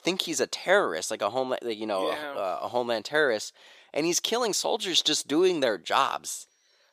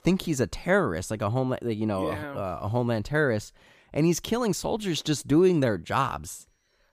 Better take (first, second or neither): second